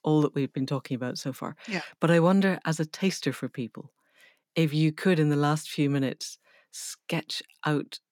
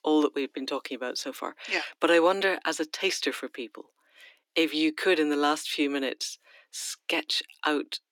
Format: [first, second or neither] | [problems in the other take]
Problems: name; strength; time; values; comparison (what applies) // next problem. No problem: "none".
first | thin; somewhat; fading below 300 Hz